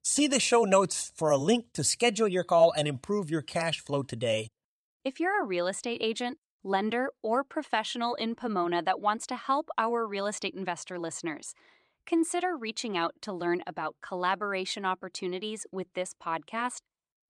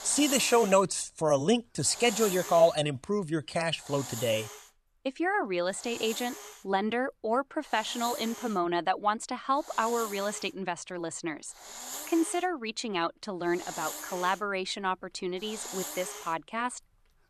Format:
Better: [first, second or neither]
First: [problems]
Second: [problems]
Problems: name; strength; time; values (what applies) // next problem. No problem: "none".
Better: first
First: none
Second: hiss; loud; throughout; 10 dB below the speech